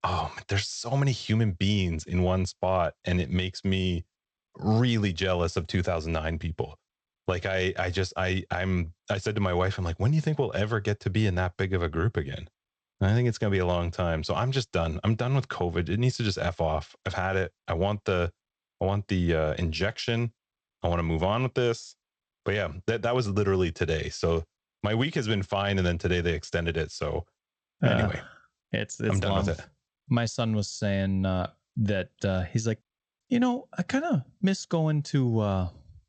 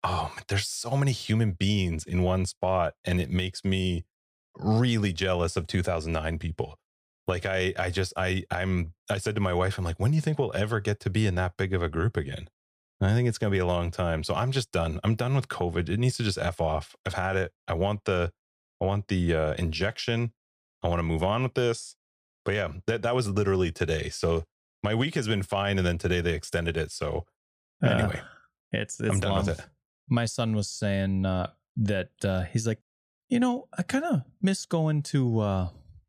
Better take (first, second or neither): second